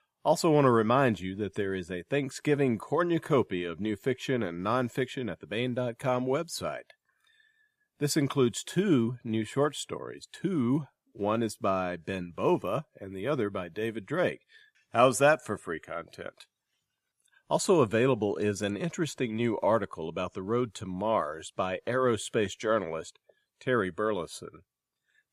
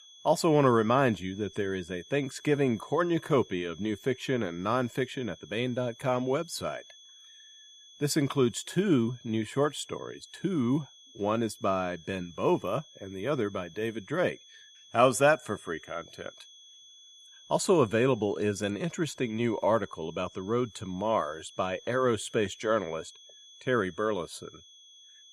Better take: first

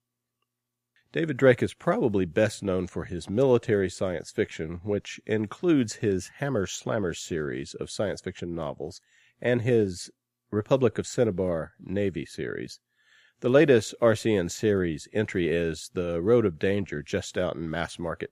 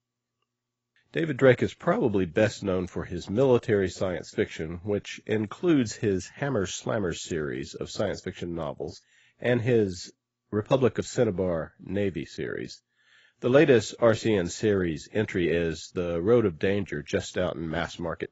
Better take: first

